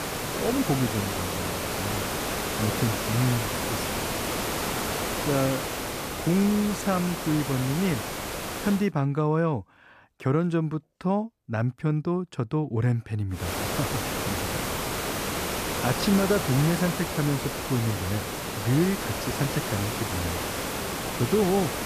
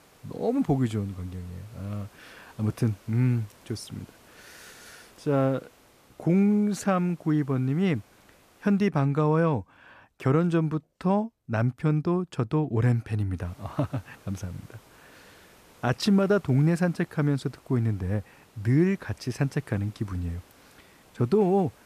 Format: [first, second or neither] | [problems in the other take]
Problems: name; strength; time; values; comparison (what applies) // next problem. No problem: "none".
second | hiss; loud; until 9 s and from 13 s on; 2 dB below the speech; faint in the second